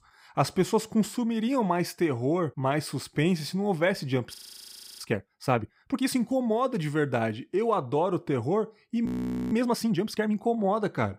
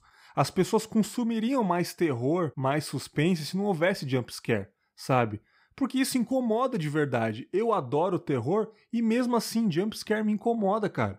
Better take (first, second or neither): second